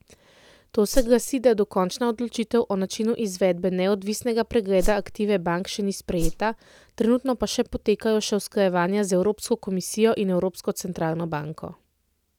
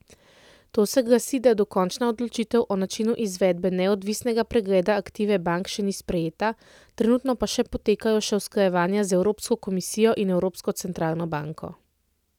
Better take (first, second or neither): second